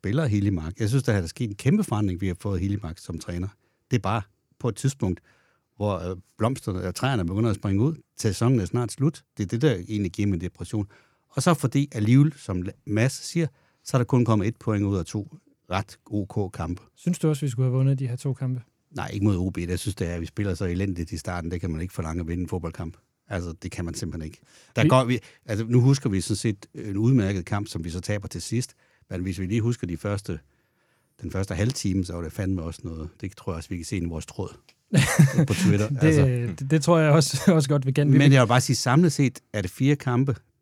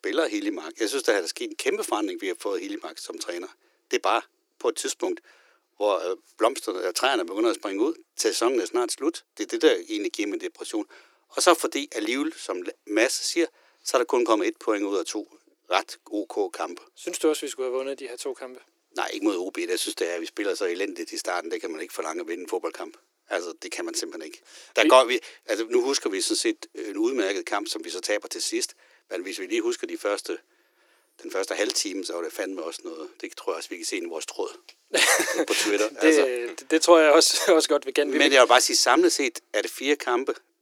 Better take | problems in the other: first | thin; very; fading below 350 Hz

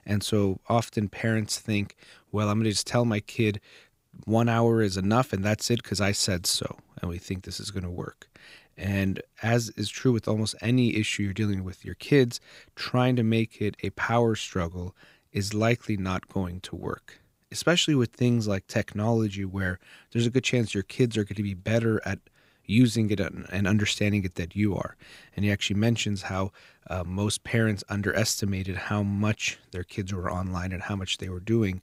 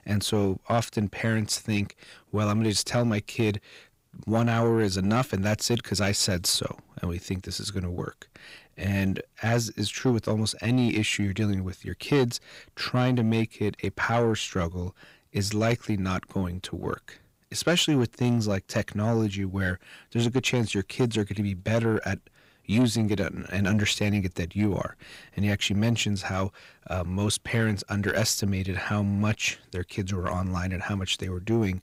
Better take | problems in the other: first | distortion; slight; 10 dB below the speech

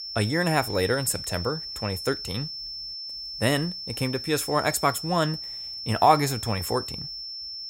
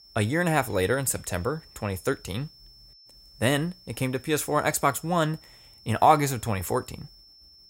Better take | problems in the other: second | high-pitched whine; loud; throughout; 5.5 kHz, 7 dB below the speech; faint in the second

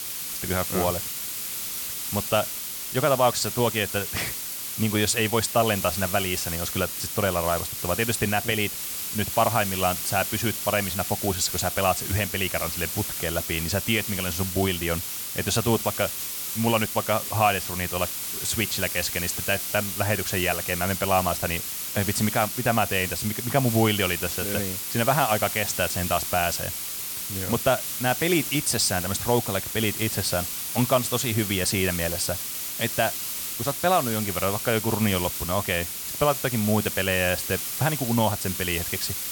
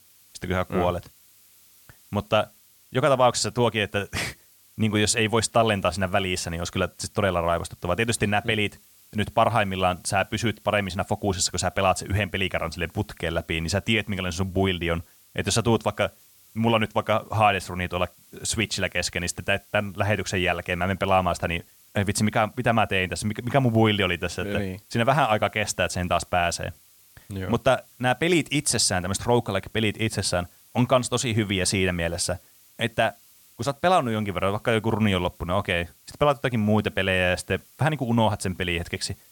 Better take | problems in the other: second | hiss; loud; throughout; 3 dB below the speech; faint in the second

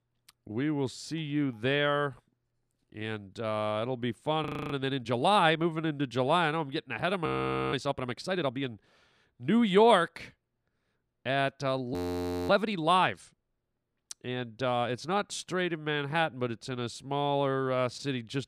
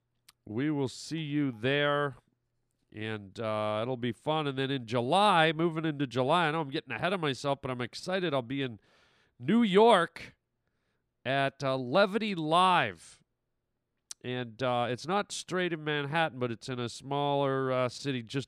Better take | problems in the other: second | audio freezing; at 4.5 s, at 7.5 s and at 12 s for 0.5 s

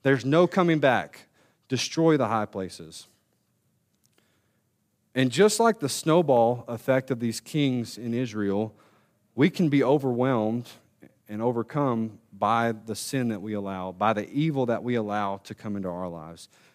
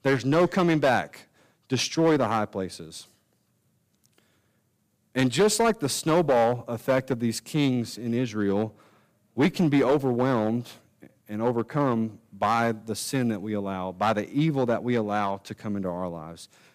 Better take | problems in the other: first | distortion; slight; 4% of the sound clipped

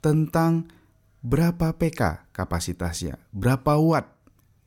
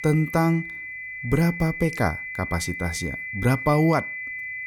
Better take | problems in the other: first | high-pitched whine; loud; throughout; 2 kHz, 8 dB below the speech

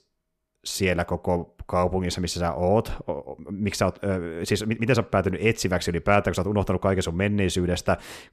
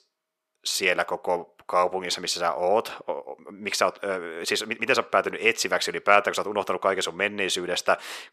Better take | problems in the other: first | thin; very; fading below 450 Hz

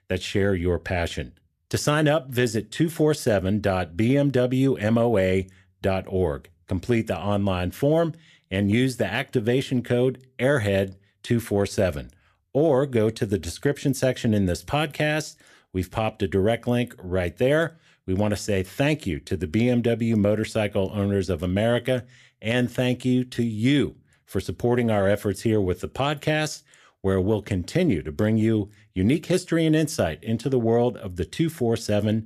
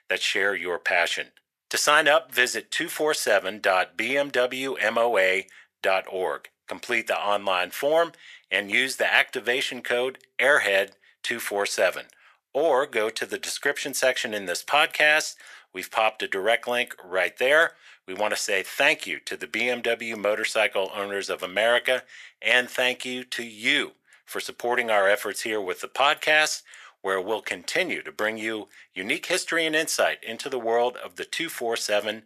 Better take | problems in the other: first | thin; very; fading below 850 Hz

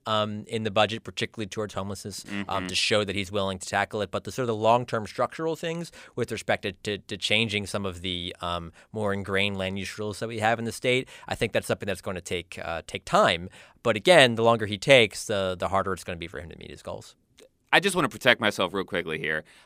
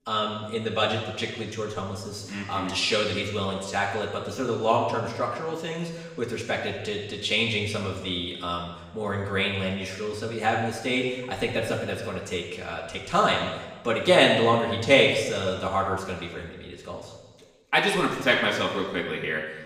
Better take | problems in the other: first | room echo; noticeable; dies away in 1.1 s // off-mic speech; far

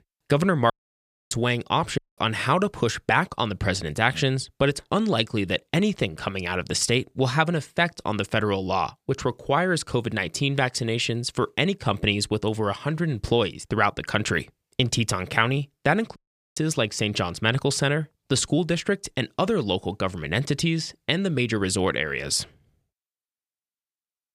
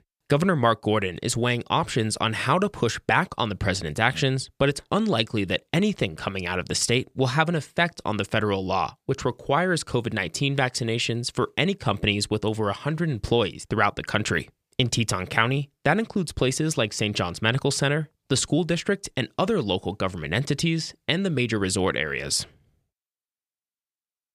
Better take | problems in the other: second | audio cutting out; at 0.5 s for 0.5 s, at 2 s and at 16 s

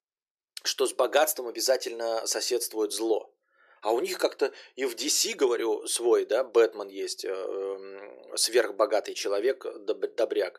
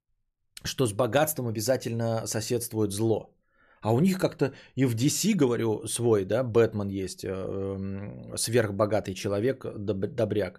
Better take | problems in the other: second | thin; very; fading below 350 Hz

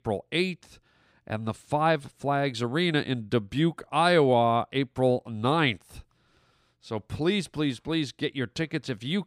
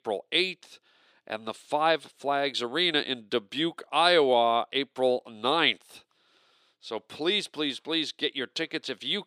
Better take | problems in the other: first | thin; somewhat; fading below 400 Hz

